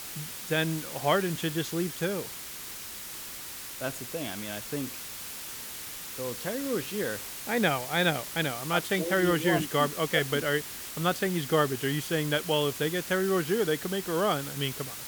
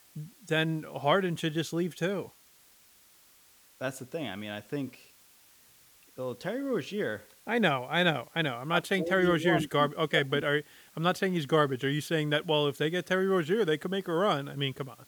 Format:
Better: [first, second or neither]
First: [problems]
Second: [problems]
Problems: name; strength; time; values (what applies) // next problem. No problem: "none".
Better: second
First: hiss; loud; throughout; 8 dB below the speech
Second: hiss; faint; throughout; 25 dB below the speech